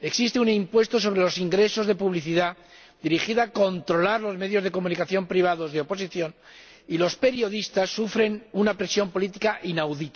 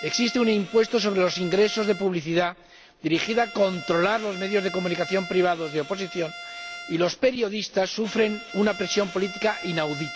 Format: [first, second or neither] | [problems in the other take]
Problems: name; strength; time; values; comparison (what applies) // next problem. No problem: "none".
first | background sound (Bowed string instrument); 14 dB below the speech